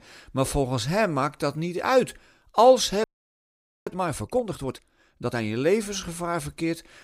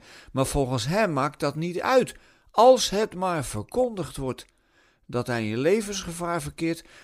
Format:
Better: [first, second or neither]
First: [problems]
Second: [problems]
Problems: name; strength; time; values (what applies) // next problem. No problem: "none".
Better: second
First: audio freezing; at 3 s for 1 s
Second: none